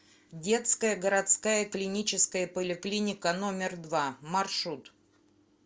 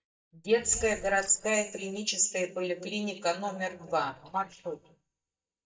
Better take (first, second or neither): first